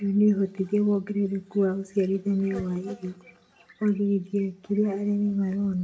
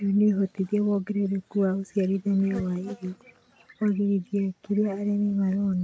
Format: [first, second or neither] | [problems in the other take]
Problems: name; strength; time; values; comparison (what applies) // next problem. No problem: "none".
second | room echo; dies away in 0.3 s